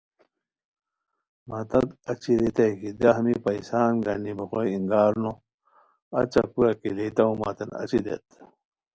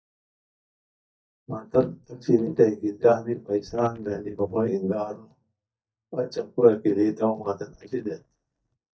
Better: first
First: none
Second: noise reduction (neural mask model DeepFilterNet 3)

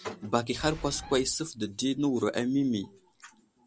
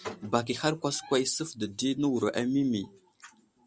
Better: second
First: background sound (Boom); 19 dB below the speech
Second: none

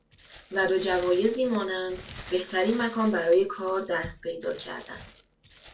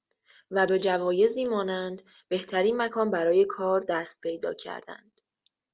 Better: second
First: background sound (Crumpling, crinkling); 19 dB below the speech // room echo; dies away in 0.2 s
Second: none

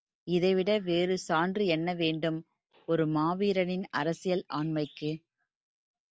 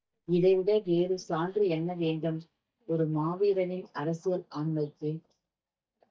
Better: first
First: none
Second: noise reduction (neural mask model DeepFilterNet 3)

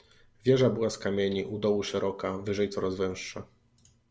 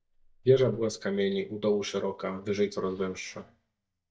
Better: first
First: none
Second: noise reduction (neural mask model DeepFilterNet 3)

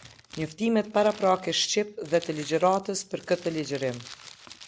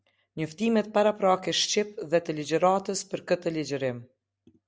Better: second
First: background sound (Crumpling, crinkling); 20 dB below the speech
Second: none

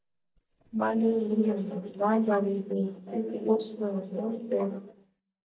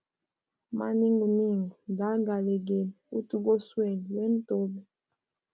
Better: second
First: noise reduction (neural mask model DeepFilterNet 3)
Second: none

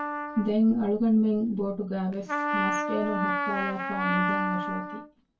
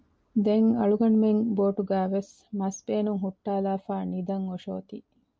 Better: second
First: background sound (Trumpet); 3 dB below the speech // room echo; dies away in 0.1 s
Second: none

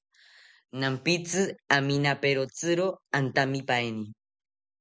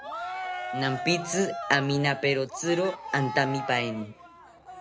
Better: first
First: none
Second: background sound (Cheering); 8 dB below the speech

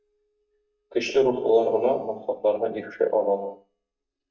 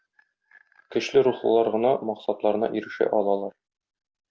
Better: second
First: noise reduction (neural mask model DeepFilterNet 3)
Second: none

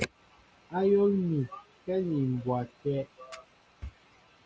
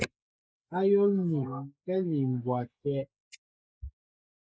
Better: first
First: none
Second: noise reduction (neural mask model Resemble Enhance denoiser)

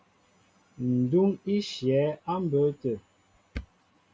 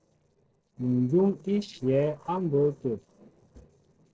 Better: first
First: none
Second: noise reduction (neural separator model SepFormer DNS4)

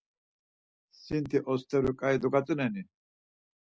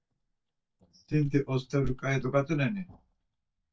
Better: first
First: none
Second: noise reduction (neural mask model DeepFilterNet 3)

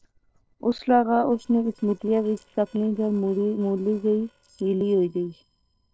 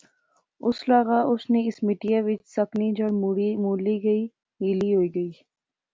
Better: second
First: noise reduction (neural separator model SepFormer DNS4)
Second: none

